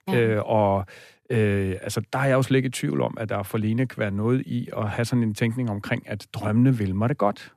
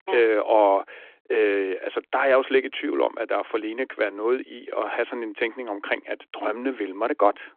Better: first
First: none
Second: phone-call audio

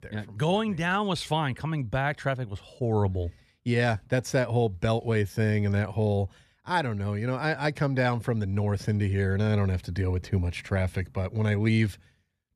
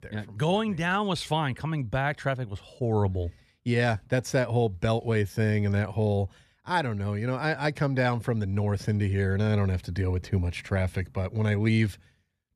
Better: neither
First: none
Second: none

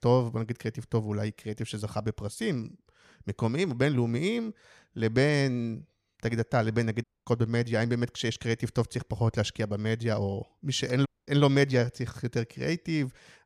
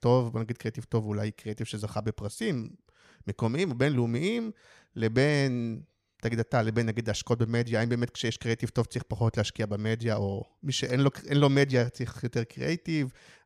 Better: second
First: audio cutting out; at 7 s and at 11 s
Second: none

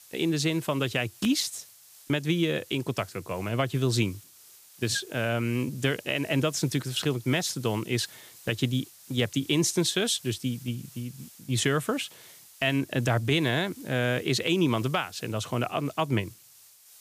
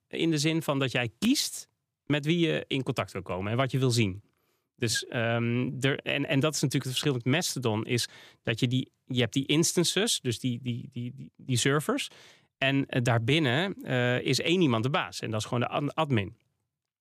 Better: second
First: hiss; faint; throughout; 20 dB below the speech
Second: none

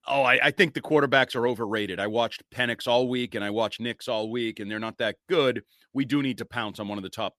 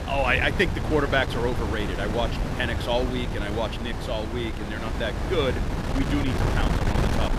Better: first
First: none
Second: wind noise on the microphone; heavy; 6 dB below the speech

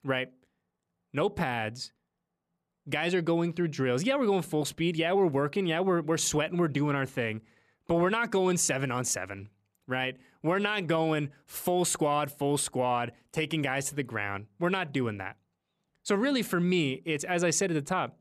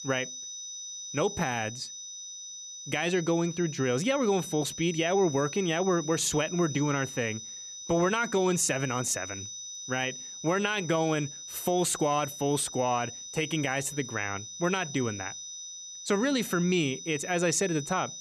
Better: first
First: none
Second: high-pitched whine; loud; throughout; 6 kHz, 10 dB below the speech

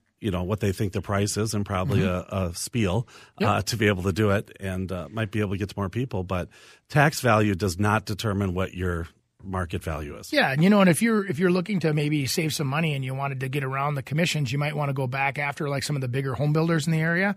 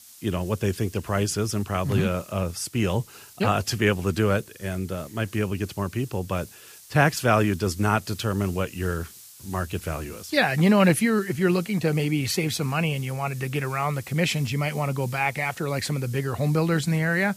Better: first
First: none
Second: hiss; faint; throughout; 20 dB below the speech

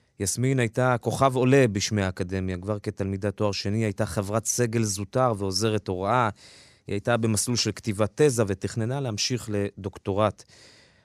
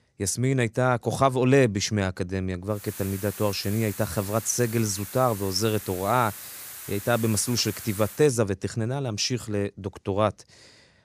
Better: first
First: none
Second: hiss; noticeable; from 3 to 8 s; 10 dB below the speech

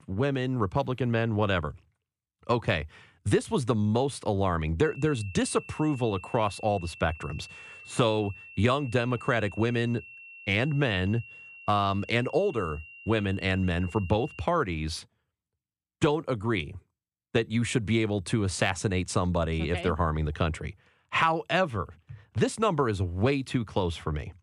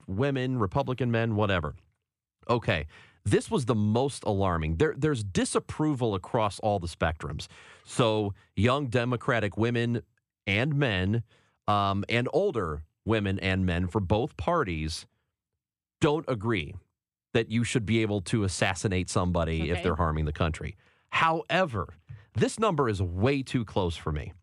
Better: second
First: high-pitched whine; noticeable; from 5 to 14 s; 2.5 kHz, 15 dB below the speech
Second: none

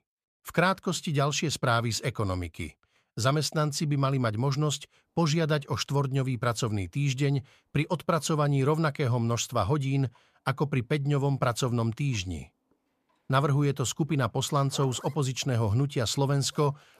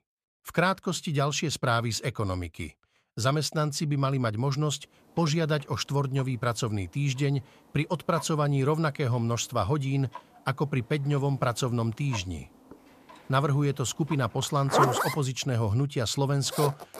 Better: first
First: household noises; faint; from 5 s on; 25 dB below the speech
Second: household noises; loud; from 5 s on; 4 dB below the speech

